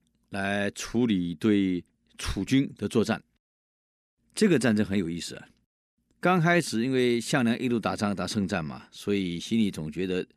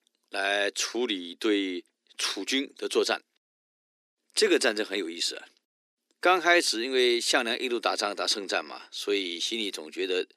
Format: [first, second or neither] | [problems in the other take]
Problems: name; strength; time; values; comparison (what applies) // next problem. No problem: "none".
first | thin; very; fading below 300 Hz